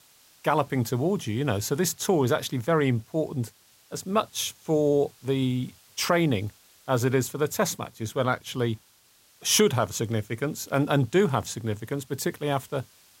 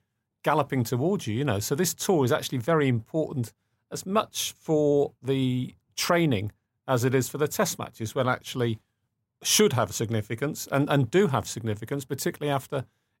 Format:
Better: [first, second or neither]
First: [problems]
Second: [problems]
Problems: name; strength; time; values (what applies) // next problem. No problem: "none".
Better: second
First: hiss; faint; throughout; 30 dB below the speech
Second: none